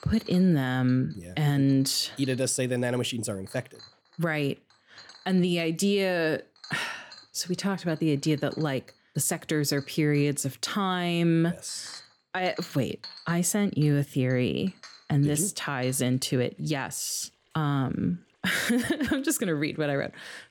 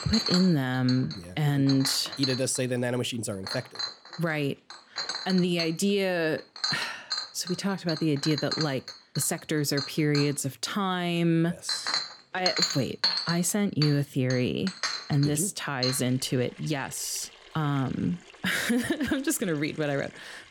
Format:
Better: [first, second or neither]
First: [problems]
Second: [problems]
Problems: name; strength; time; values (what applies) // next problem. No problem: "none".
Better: first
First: household noises; faint; throughout; 20 dB below the speech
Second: household noises; loud; throughout; 4 dB below the speech